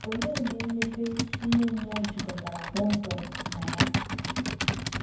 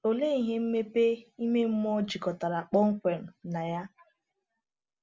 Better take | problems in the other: second | background sound (Computer keyboard); 1 dB below the speech // room echo; dies away in 0.9 s

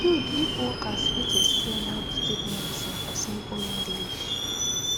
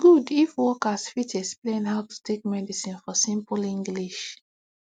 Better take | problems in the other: second | background sound (Subway, metro, underground); 4 dB above the speech

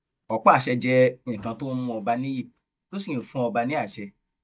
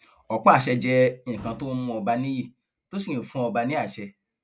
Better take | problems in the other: second | noise reduction (neural mask model DeepFilterNet 3)

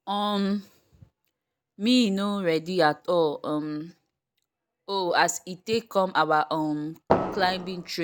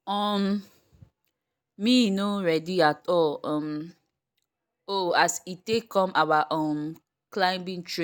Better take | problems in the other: second | background sound (Fireworks); 1 dB below the speech

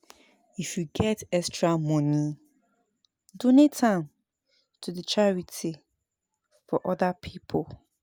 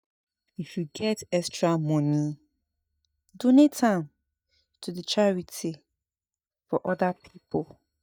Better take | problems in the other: first | noise reduction (neural mask model DeepFilterNet 3)

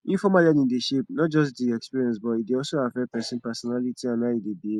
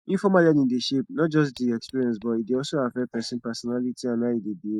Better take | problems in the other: first | noise reduction (neural mask model DeepFilterNet 3)

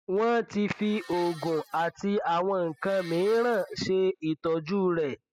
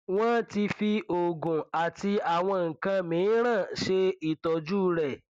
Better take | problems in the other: second | noise reduction (classical method spectral subtraction)

